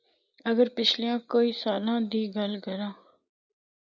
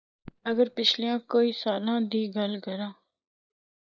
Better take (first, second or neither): first